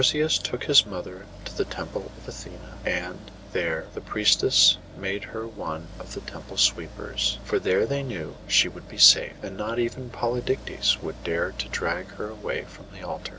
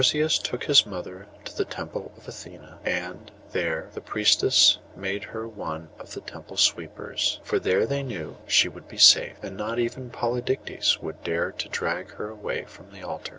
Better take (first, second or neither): second